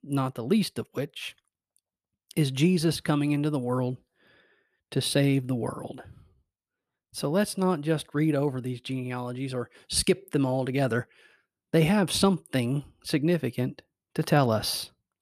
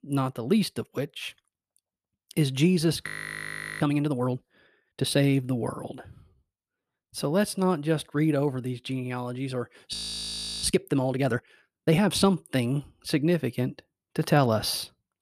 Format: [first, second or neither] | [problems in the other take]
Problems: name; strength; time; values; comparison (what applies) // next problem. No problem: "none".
first | audio freezing; at 3 s for 0.5 s and at 10 s for 0.5 s